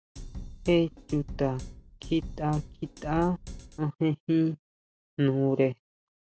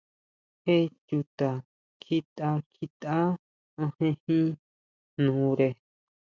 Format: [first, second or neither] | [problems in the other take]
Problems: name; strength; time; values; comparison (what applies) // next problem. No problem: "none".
second | background sound (Drum kit); 12 dB below the speech